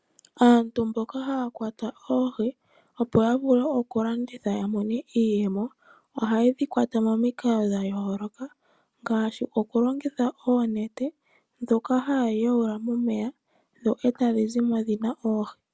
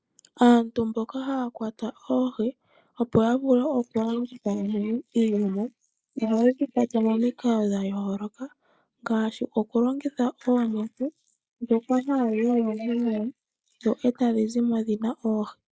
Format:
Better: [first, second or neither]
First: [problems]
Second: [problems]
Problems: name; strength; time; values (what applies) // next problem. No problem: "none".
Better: first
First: none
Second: noise reduction (neural mask model Resemble Enhance denoiser)